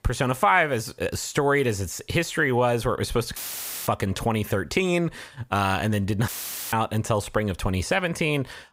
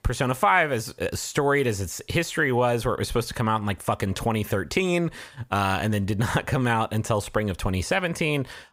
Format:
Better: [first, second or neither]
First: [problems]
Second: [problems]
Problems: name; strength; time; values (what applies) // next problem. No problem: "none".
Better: second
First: audio cutting out; filled with static; at 3.5 s for 0.5 s and at 6.5 s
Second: none